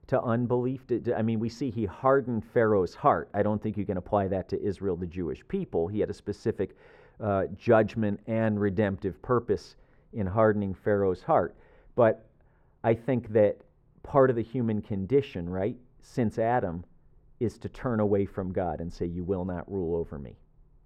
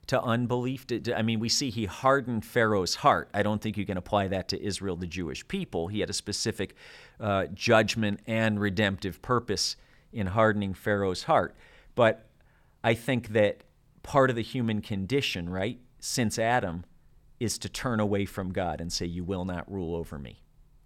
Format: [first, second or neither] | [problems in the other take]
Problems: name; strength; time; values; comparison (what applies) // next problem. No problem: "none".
second | muffled; very; fading above 2.5 kHz